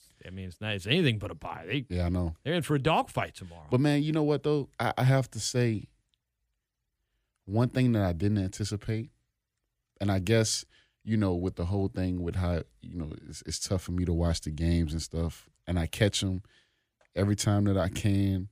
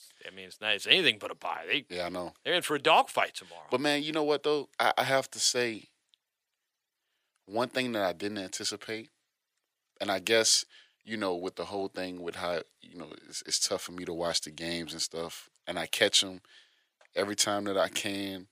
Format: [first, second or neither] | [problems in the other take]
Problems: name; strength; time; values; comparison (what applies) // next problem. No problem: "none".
first | thin; very; fading below 550 Hz